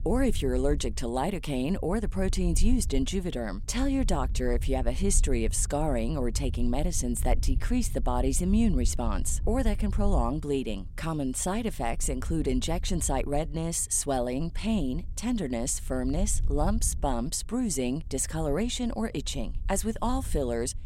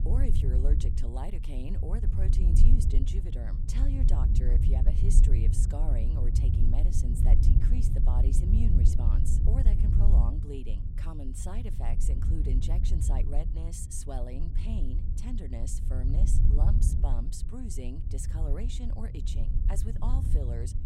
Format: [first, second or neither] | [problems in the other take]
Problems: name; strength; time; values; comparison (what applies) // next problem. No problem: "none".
first | low rumble; loud; throughout; 1 dB below the speech; faint in the first